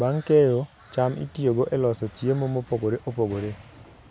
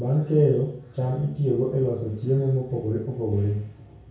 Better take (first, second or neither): first